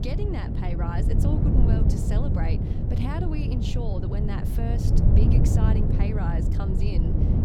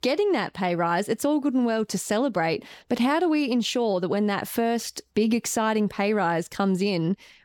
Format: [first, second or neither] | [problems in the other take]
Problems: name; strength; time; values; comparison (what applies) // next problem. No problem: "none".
second | wind noise on the microphone; heavy; 1 dB above the speech